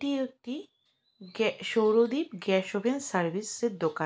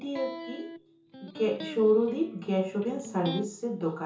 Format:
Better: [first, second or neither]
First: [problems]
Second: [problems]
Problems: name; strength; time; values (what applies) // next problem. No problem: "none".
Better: first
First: none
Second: background sound (Electric guitar); 13 dB below the speech // room echo; dies away in 0.6 s